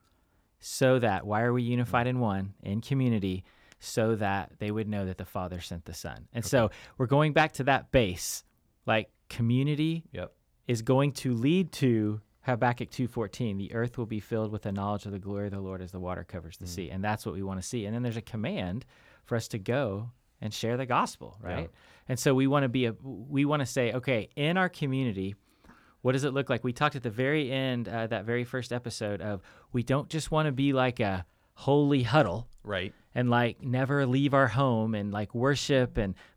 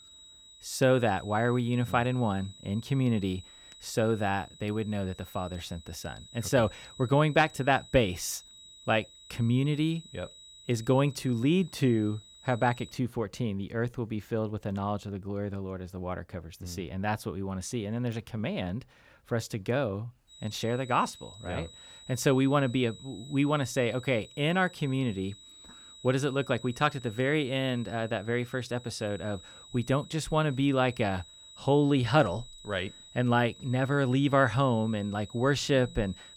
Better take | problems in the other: first | high-pitched whine; noticeable; until 13 s and from 20 s on; 4 kHz, 20 dB below the speech

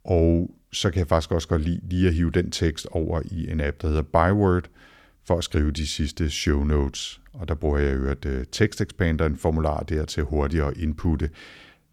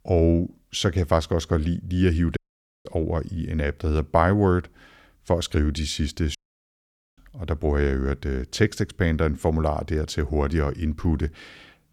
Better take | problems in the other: first | audio cutting out; at 2.5 s and at 6.5 s for 1 s

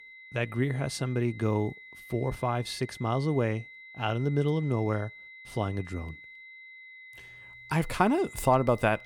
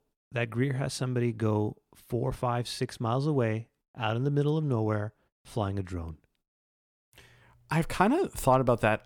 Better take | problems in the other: second | high-pitched whine; noticeable; throughout; 2 kHz, 15 dB below the speech

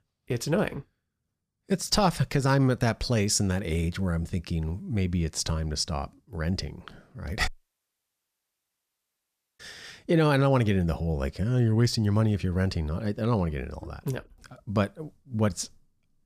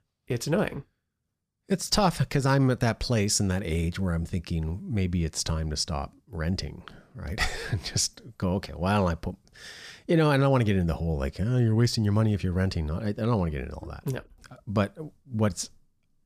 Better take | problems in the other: second | audio cutting out; at 7.5 s for 2 s

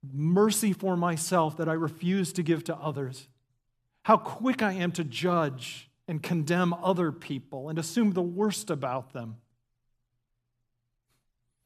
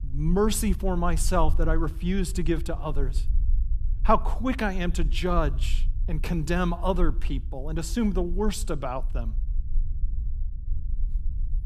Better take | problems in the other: first | low rumble; faint; throughout; 25 dB below the speech

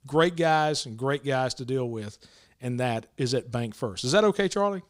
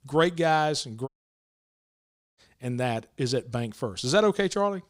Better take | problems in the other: first | audio cutting out; at 1 s for 1.5 s

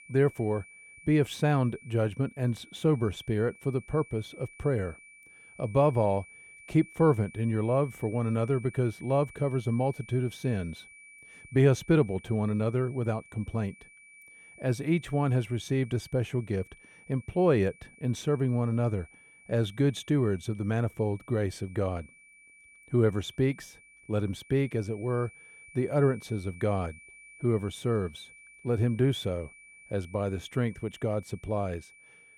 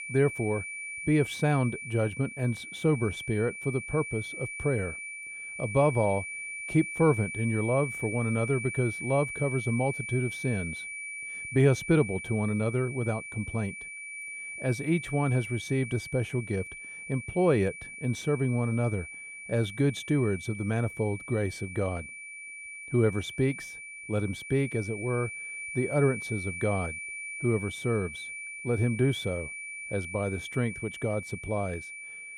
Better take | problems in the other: first | high-pitched whine; loud; throughout; 2.5 kHz, 8 dB below the speech; faint in the first

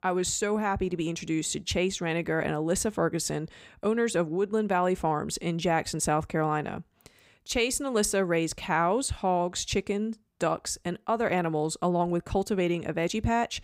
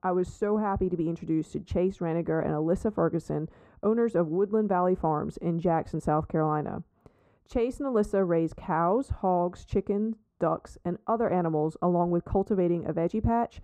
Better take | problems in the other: first | muffled; very; fading above 1.5 kHz

